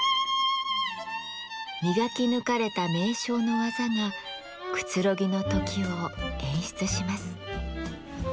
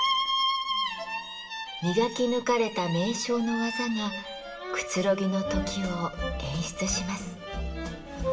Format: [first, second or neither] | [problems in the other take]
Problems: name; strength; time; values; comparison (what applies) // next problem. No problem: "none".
first | room echo; dies away in 0.7 s